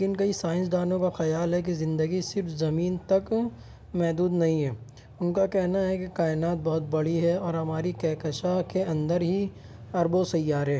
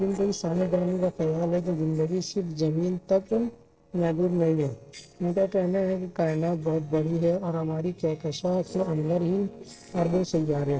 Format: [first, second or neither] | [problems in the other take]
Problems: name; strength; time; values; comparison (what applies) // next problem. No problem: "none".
first | noise reduction (neural separator model SepFormer DNS4)